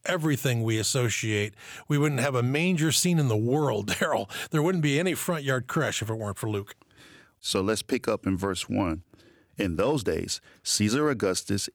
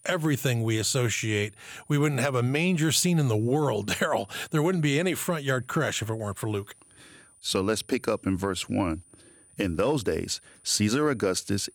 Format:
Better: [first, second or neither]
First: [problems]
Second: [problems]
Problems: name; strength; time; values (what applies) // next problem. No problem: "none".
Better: first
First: none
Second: high-pitched whine; faint; throughout; 9.5 kHz, 30 dB below the speech